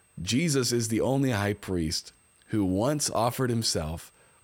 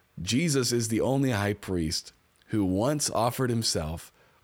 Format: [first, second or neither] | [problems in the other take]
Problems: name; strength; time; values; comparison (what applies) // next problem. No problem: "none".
second | high-pitched whine; faint; throughout; 8.5 kHz, 35 dB below the speech